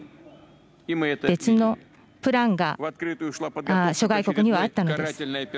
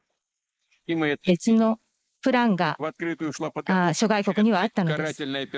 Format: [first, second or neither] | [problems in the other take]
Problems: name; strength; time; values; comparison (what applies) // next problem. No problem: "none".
first | noise reduction (neural mask model Resemble Enhance denoiser)